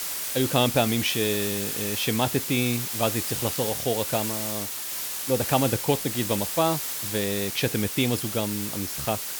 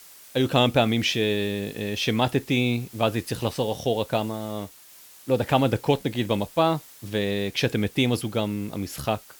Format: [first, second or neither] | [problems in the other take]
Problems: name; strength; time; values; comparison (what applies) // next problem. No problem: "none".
second | hiss; loud; throughout; 2 dB below the speech; faint in the second